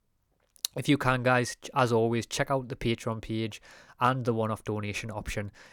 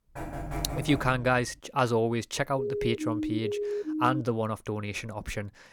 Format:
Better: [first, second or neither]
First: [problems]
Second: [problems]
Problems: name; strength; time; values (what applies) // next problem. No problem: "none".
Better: first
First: none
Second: door banging; noticeable; until 1.5 s; peak 6 dB below the speech // siren; noticeable; from 2.5 to 4 s; peak 2 dB below the speech